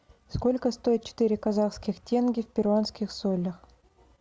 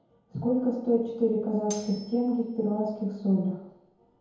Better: first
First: none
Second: background sound (Cutlery, silverware); 17 dB below the speech // room echo; dies away in 0.9 s

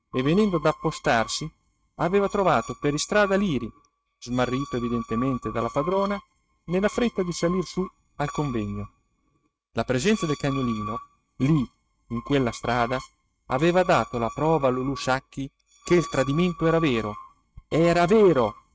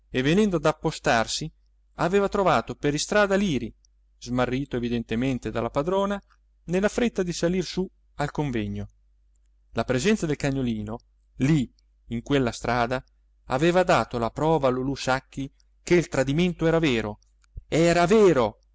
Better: second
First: noise reduction (neural mask model RNNoise)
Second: none

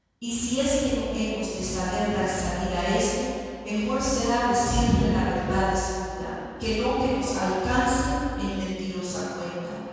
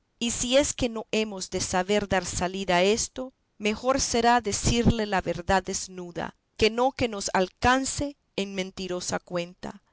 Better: second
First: background sound (Guitar); 15 dB below the speech // room echo; dies away in 2.1 s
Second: none

